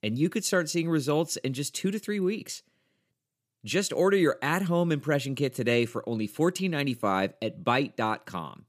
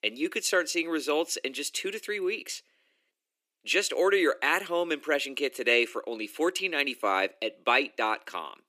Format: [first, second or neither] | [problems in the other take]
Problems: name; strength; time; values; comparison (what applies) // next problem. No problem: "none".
first | thin; somewhat; fading below 300 Hz